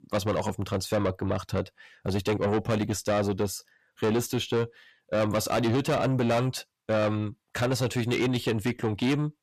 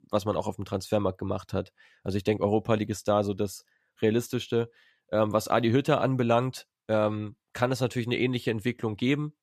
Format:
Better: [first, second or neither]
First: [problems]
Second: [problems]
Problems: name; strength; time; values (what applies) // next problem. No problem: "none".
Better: second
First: distortion; heavy; 7 dB below the speech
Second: none